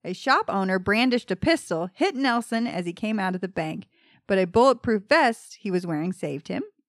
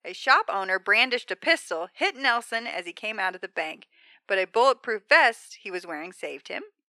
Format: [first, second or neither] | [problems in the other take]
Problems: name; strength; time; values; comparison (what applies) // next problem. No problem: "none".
first | thin; very; fading below 450 Hz